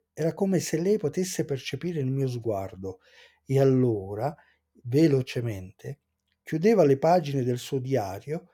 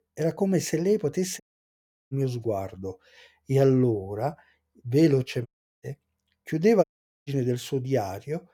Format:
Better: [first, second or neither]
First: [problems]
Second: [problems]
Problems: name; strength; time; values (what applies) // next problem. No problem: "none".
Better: first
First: none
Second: audio cutting out; at 1.5 s for 0.5 s, at 5.5 s and at 7 s